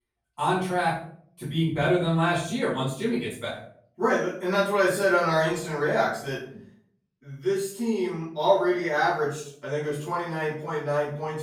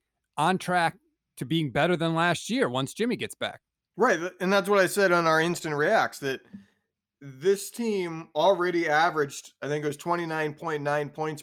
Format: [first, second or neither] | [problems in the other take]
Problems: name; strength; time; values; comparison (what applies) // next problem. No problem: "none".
second | off-mic speech; far // room echo; noticeable; dies away in 0.5 s